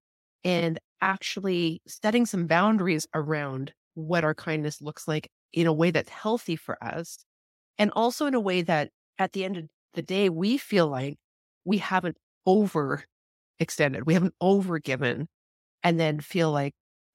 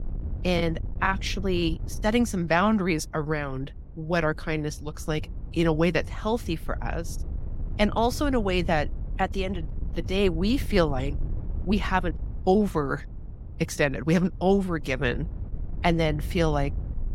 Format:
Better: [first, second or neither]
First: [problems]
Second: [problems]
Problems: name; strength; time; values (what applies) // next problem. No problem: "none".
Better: first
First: none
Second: wind noise on the microphone; occasional gusts; 25 dB below the speech